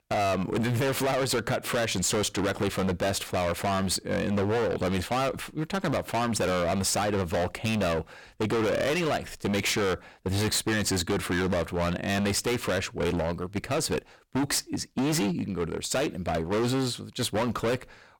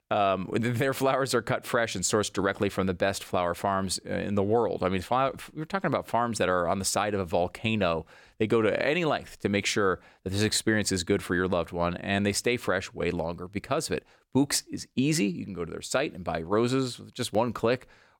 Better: second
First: distortion; heavy; 26% of the sound clipped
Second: none

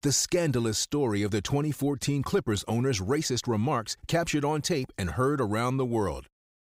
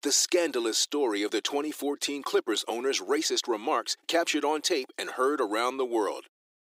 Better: first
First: none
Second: thin; somewhat; fading below 300 Hz

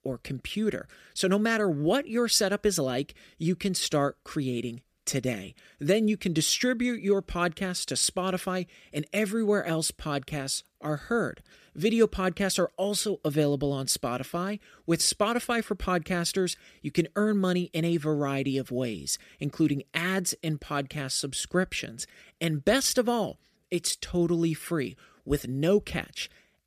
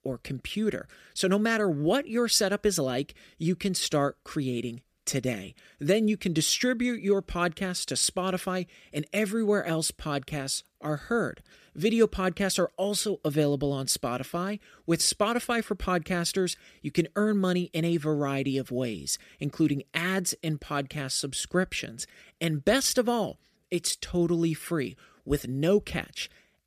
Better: neither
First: none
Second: none

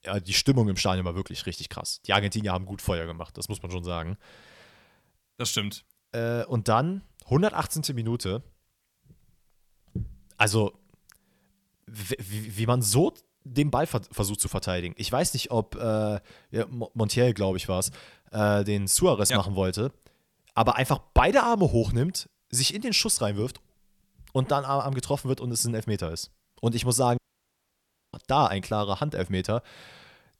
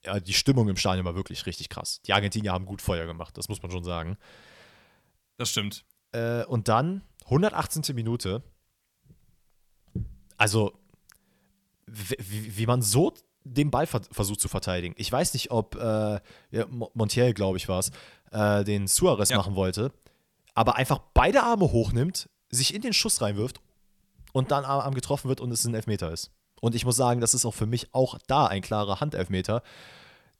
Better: second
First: audio cutting out; at 27 s for 1 s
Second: none

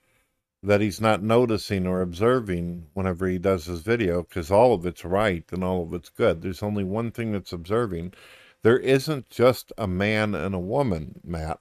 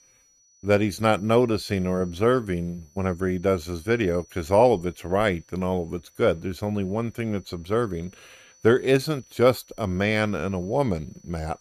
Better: first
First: none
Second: high-pitched whine; faint; throughout; 6 kHz, 30 dB below the speech

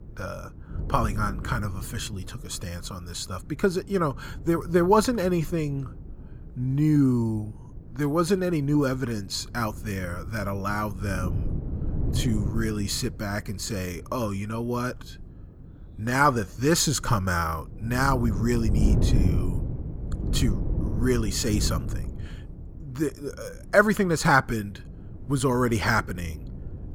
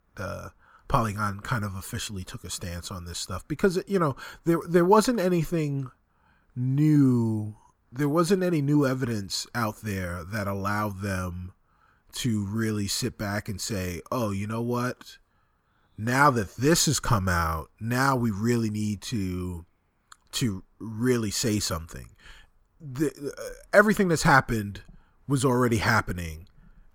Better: second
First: wind noise on the microphone; occasional gusts; 15 dB below the speech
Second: none

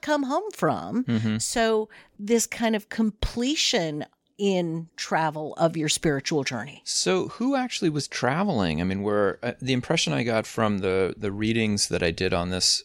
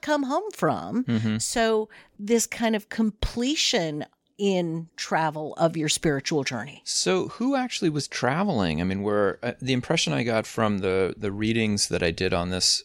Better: neither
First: none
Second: none

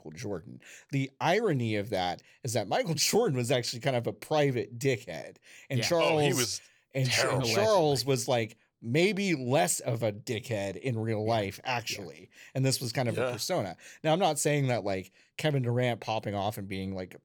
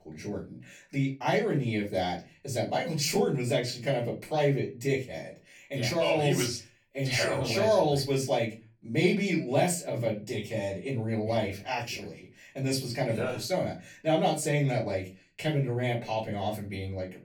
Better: first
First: none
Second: off-mic speech; far // room echo; very slight; dies away in 0.3 s

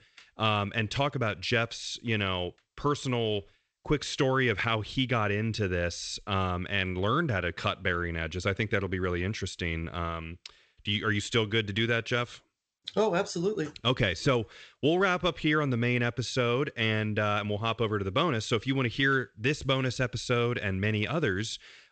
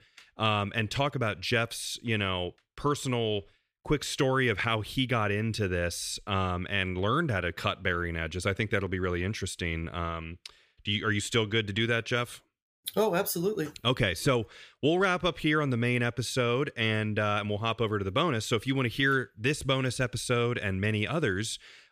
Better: second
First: garbled, watery; slightly; nothing above 8 kHz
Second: none

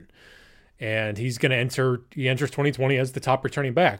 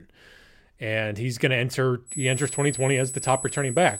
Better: first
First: none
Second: high-pitched whine; loud; from 2 s on; 8 kHz, 7 dB below the speech

